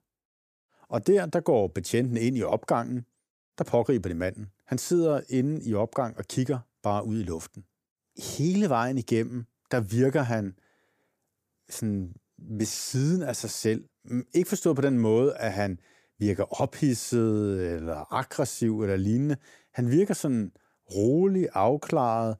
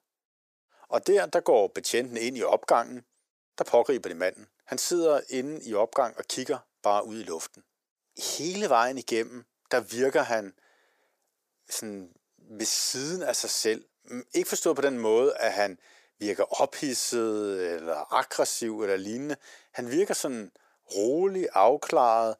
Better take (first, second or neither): first